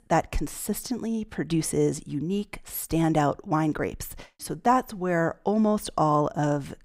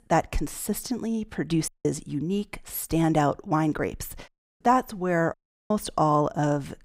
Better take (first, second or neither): first